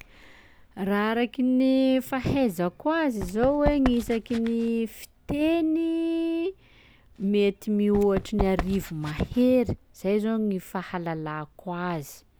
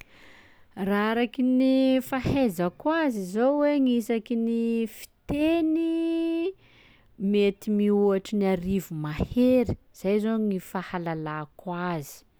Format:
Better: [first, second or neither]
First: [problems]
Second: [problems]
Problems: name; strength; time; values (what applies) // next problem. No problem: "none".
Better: second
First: background sound (Run); 14 dB below the speech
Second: none